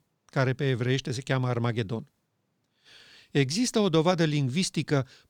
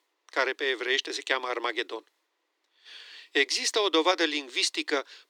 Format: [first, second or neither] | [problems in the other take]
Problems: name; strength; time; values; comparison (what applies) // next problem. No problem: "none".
first | thin; very; fading below 300 Hz